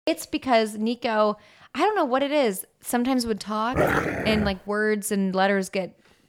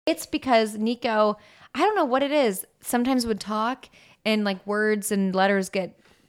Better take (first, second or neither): second